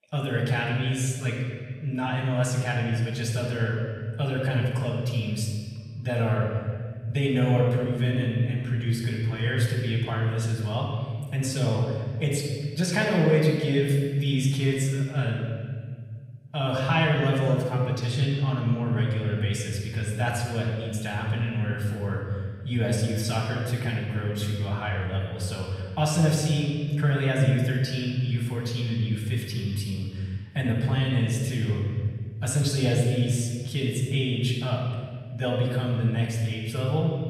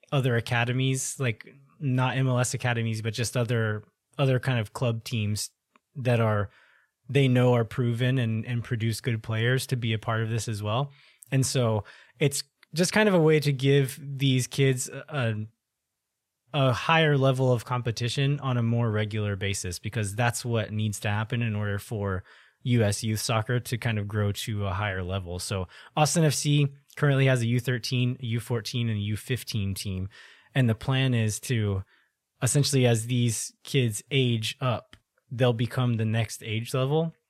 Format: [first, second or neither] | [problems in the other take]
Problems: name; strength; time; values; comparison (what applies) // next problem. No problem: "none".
second | off-mic speech; far // room echo; noticeable; dies away in 2.1 s